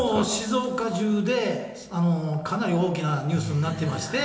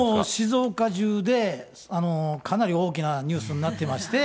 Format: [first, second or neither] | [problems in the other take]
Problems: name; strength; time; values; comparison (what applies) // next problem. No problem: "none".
second | room echo; dies away in 1.4 s